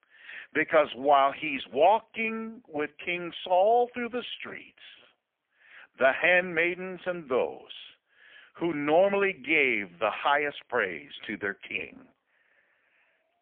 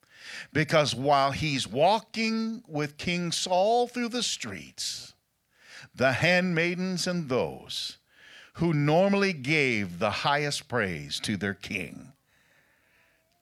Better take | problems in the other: second | phone-call audio; poor line; nothing above 3.5 kHz

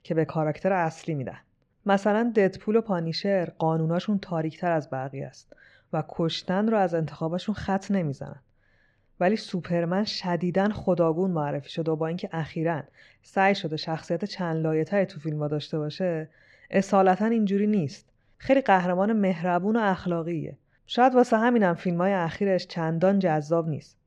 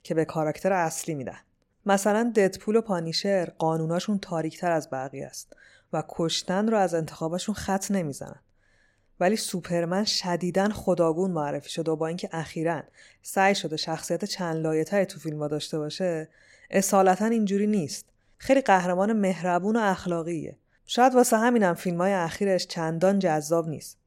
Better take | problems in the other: second | muffled; very slightly; fading above 4 kHz

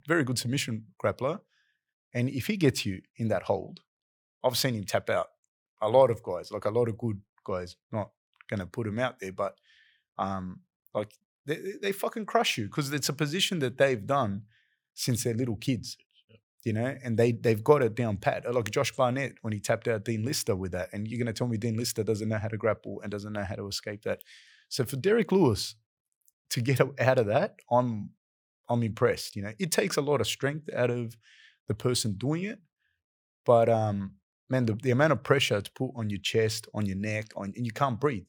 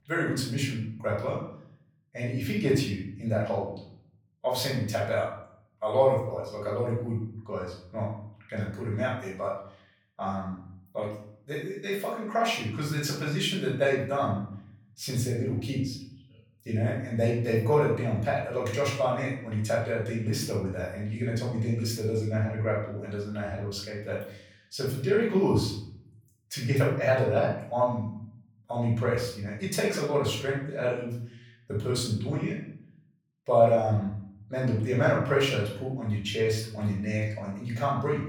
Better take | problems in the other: first | off-mic speech; far // room echo; noticeable; dies away in 0.6 s

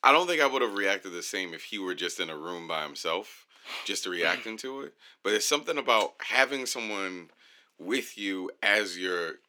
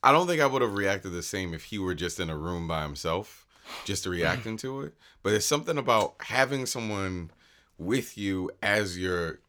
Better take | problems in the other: second | thin; very slightly; fading below 250 Hz

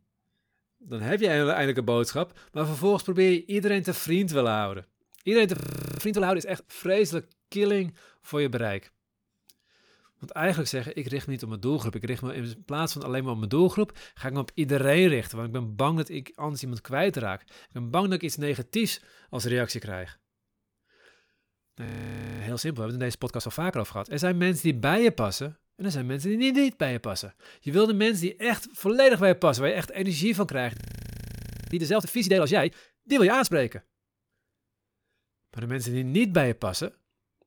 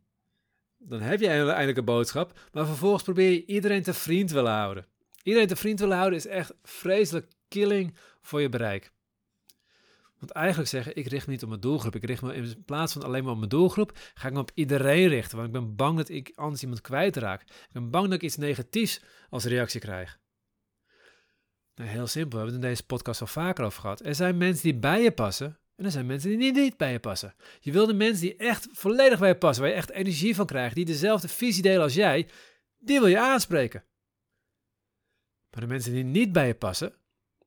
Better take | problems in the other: second | audio freezing; at 5.5 s, at 22 s for 0.5 s and at 31 s for 1 s

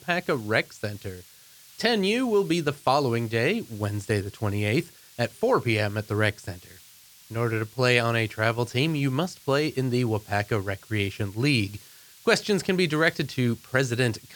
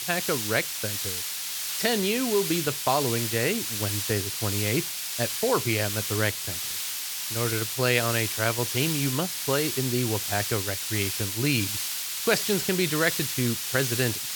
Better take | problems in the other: first | hiss; loud; throughout; 1 dB below the speech; faint in the first

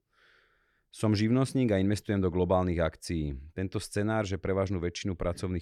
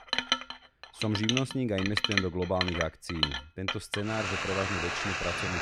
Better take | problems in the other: first | household noises; very loud; throughout; 2 dB above the speech

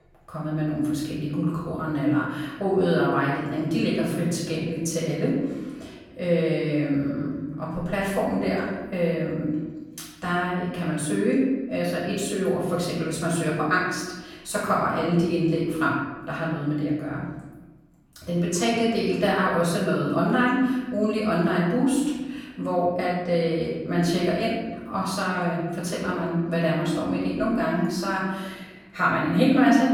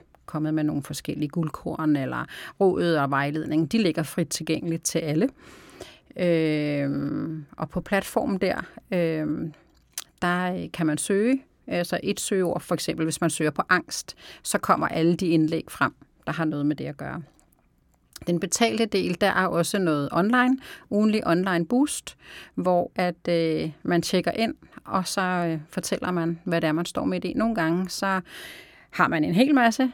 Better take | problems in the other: second | room echo; noticeable; dies away in 1.1 s // off-mic speech; far

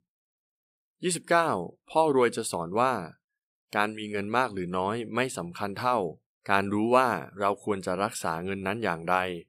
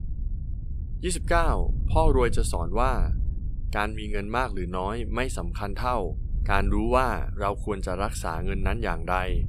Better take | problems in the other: first | wind noise on the microphone; occasional gusts; 20 dB below the speech

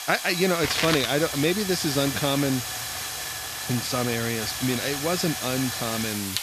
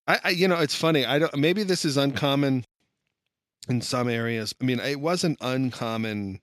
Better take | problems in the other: second | hiss; loud; throughout; 3 dB below the speech

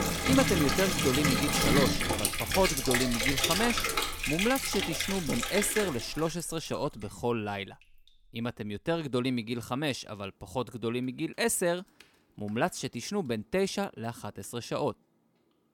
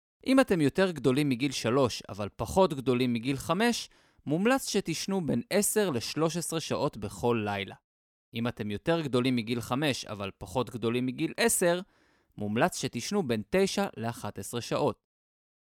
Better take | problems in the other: second | household noises; very loud; throughout; 3 dB above the speech

